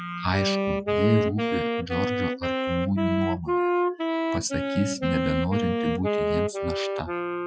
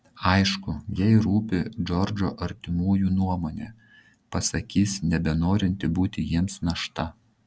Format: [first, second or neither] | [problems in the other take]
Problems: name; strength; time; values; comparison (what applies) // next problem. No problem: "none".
second | noise reduction (classical method Wiener filter)